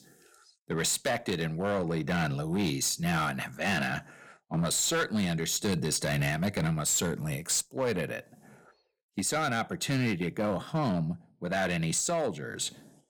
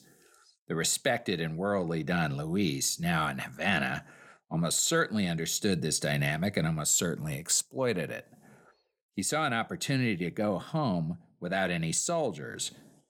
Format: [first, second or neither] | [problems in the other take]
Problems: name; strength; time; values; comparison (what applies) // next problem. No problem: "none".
second | distortion; slight; 8% of the sound clipped